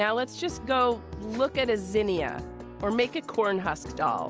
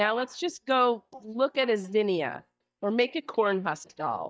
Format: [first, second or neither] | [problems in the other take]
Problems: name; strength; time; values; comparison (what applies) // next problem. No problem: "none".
first | noise reduction (neural mask model DeepFilterNet 3)